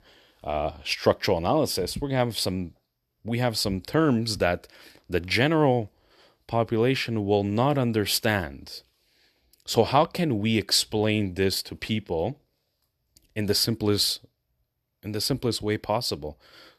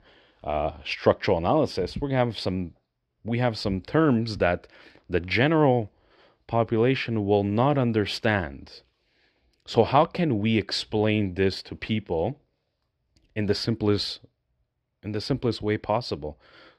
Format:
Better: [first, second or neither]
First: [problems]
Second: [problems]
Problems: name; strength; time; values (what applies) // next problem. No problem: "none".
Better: first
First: none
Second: muffled; slightly; fading above 3 kHz